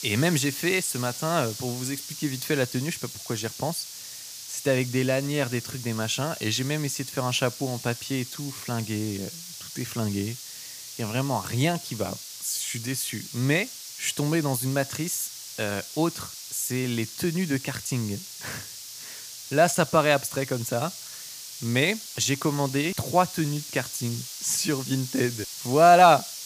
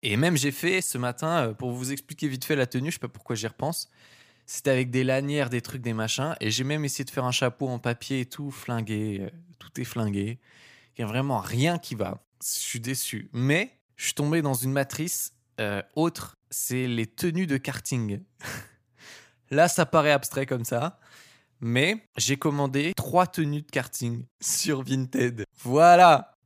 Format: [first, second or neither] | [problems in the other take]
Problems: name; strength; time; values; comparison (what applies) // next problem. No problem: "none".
second | hiss; noticeable; throughout; 10 dB below the speech